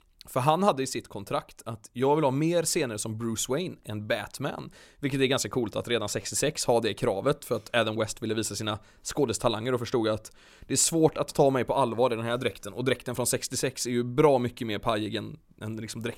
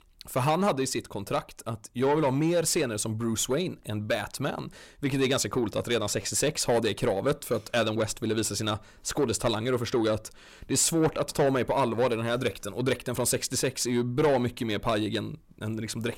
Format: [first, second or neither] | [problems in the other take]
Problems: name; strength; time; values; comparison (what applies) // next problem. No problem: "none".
first | distortion; slight; 10 dB below the speech